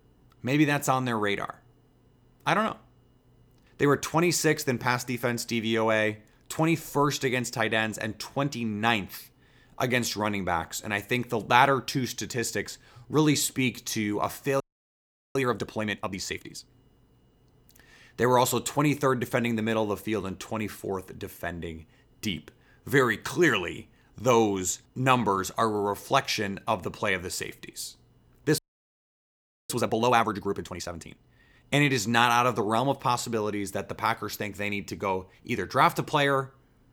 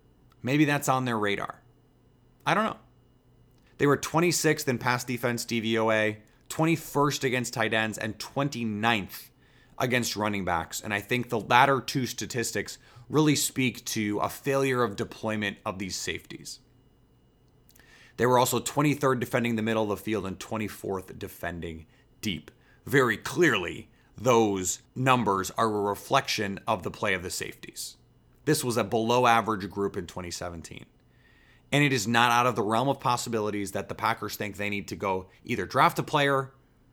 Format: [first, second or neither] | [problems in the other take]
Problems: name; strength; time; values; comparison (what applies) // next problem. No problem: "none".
second | audio freezing; at 15 s for 1 s and at 29 s for 1 s